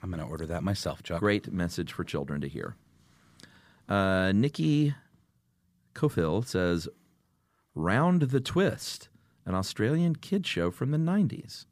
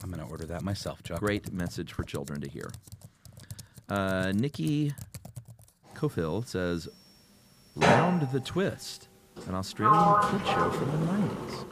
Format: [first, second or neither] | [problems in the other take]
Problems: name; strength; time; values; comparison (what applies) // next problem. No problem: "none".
first | household noises; very loud; throughout; 4 dB above the speech